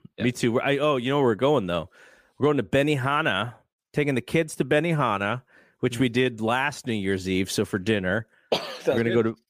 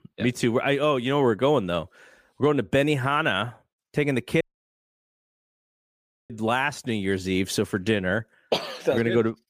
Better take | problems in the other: first | audio cutting out; at 4.5 s for 2 s

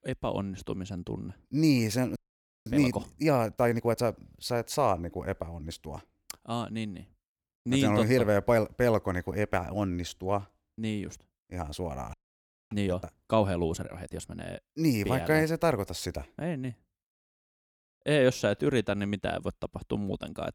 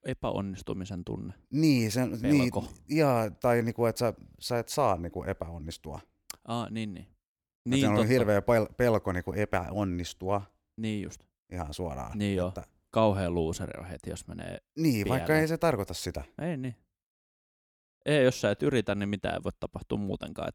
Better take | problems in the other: second | audio freezing; at 2 s for 0.5 s and at 12 s for 0.5 s

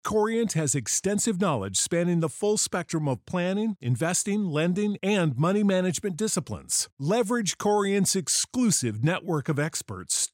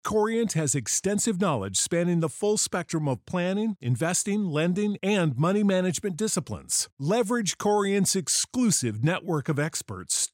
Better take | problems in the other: neither | none

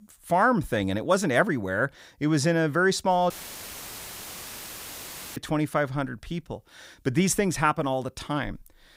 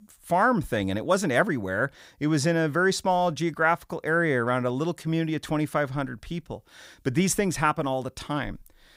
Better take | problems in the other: second | audio cutting out; filled with static; at 3.5 s for 2 s

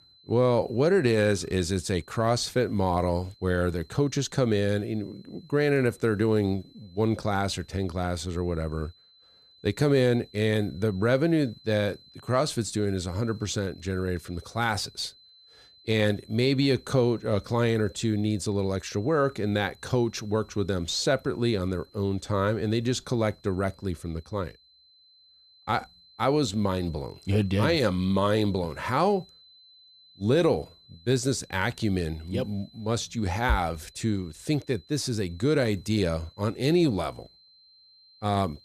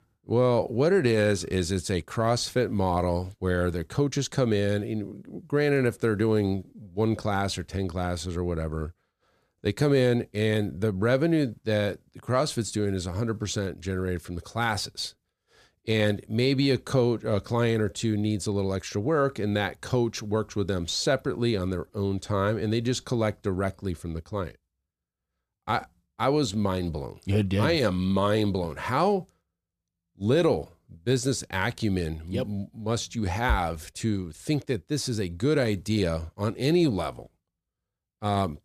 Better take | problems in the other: second | high-pitched whine; faint; throughout; 4 kHz, 25 dB below the speech

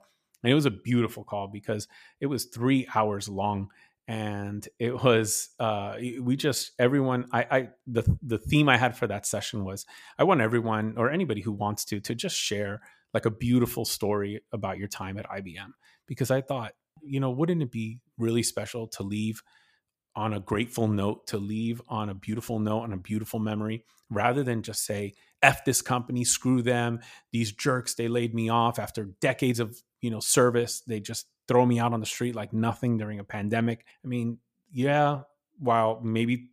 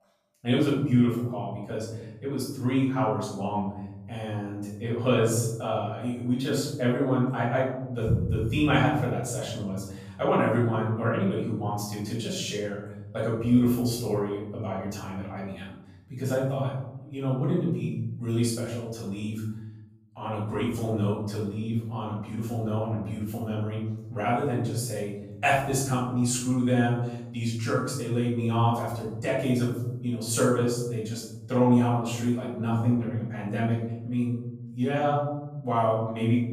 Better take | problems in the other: first | off-mic speech; far // room echo; noticeable; dies away in 1.3 s

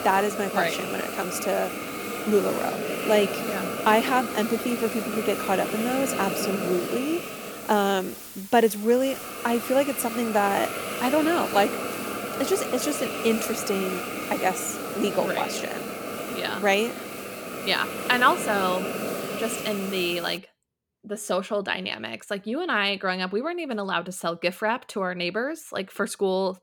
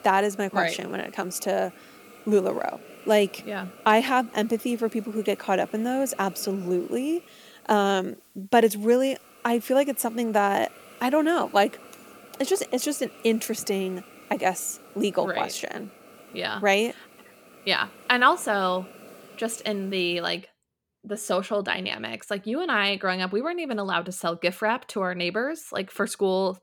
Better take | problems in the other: second | hiss; loud; until 20 s; 5 dB below the speech; faint in the second

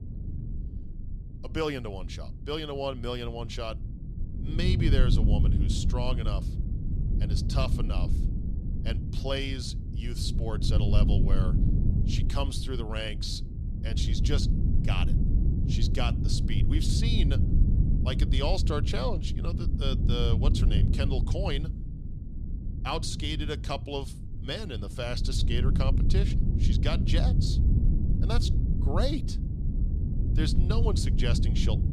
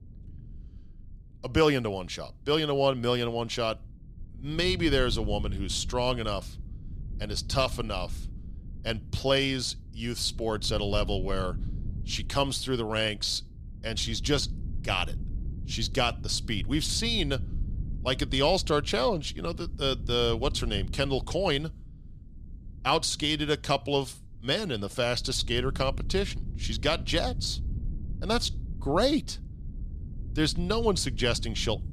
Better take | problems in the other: second | low rumble; loud; throughout; 6 dB below the speech; faint in the second

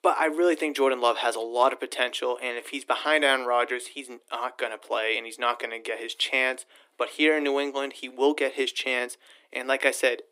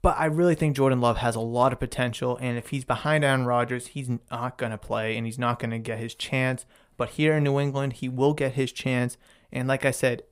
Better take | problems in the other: second | thin; somewhat; fading below 300 Hz

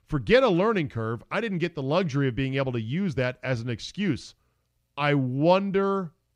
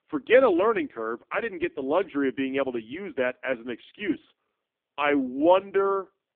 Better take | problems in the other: first | phone-call audio; poor line

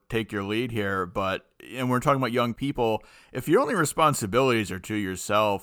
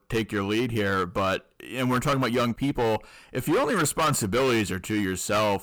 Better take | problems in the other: first | distortion; heavy; 14% of the sound clipped

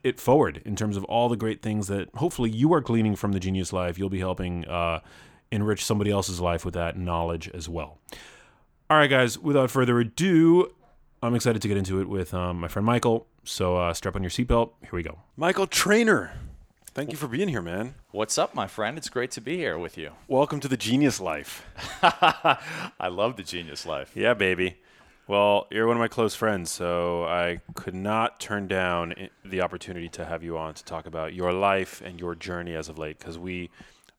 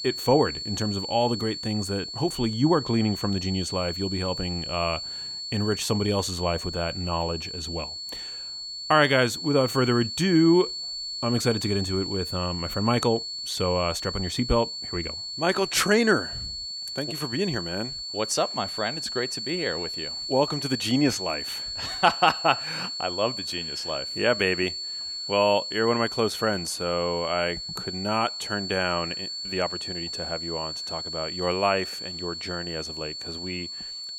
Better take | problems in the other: first | high-pitched whine; loud; throughout; 4.5 kHz, 5 dB below the speech

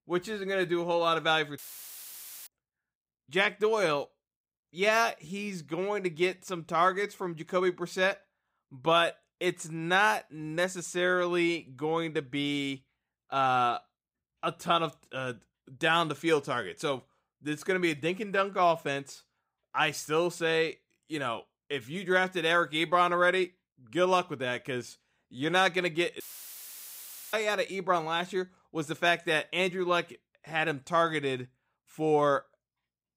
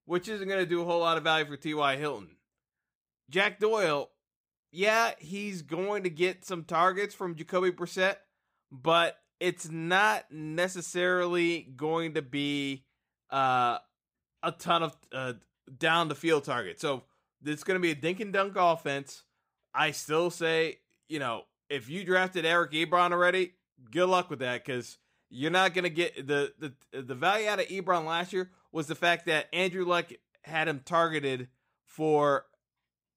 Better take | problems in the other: second | audio cutting out; filled with static; at 1.5 s for 1 s and at 26 s for 1 s

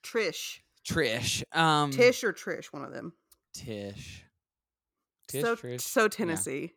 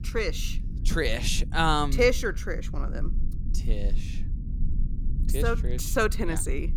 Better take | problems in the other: first | low rumble; faint; throughout; 20 dB below the speech

